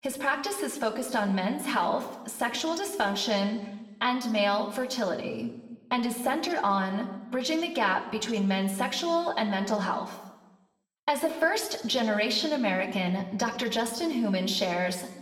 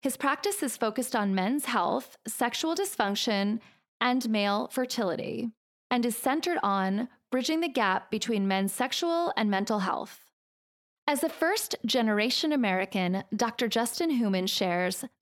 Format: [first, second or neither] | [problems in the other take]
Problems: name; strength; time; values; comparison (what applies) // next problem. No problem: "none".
second | room echo; slight; dies away in 0.9 s // off-mic speech; somewhat distant